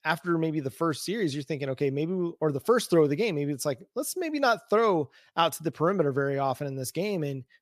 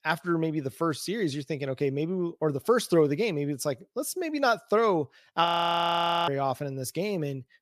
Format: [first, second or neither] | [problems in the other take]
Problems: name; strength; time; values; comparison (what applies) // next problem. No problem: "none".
first | audio freezing; at 5.5 s for 1 s